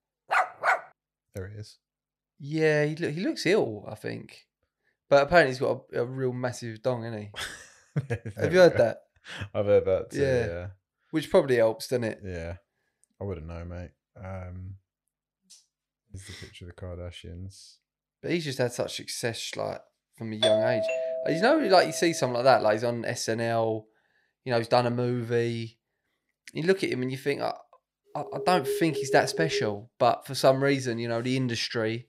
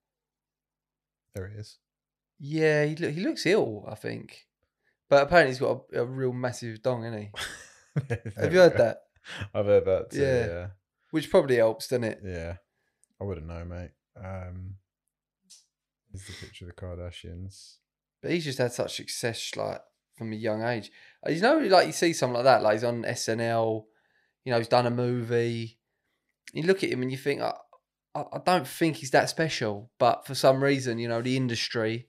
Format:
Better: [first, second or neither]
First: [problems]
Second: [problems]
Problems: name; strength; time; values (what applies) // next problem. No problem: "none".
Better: second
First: dog barking; loud; at 0.5 s; peak 2 dB above the speech // doorbell; loud; from 20 to 22 s; peak 2 dB above the speech // alarm; noticeable; from 28 to 30 s; peak 5 dB below the speech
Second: none